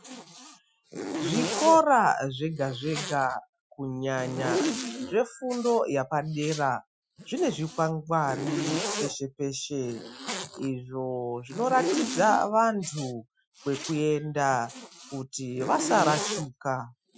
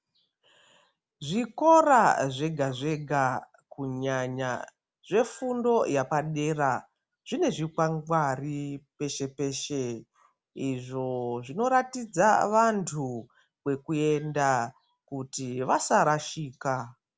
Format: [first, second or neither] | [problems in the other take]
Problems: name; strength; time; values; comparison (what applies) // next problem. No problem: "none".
second | noise reduction (classical method Wiener filter)